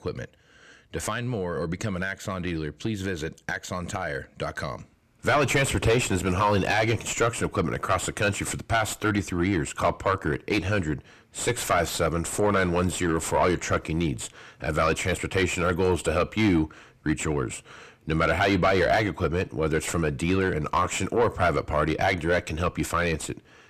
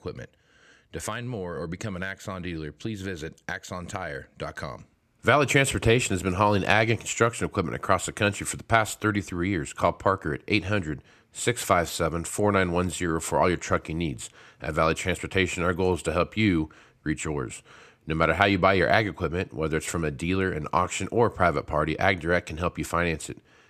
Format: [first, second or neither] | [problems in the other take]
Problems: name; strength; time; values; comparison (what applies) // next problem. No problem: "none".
second | distortion; heavy; 5 dB below the speech